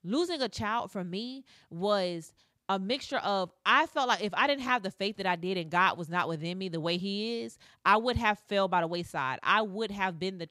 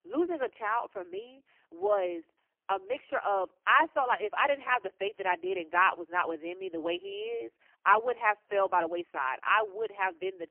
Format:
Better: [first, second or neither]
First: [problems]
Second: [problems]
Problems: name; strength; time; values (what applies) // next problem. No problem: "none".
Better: first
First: none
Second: phone-call audio; poor line; nothing above 3 kHz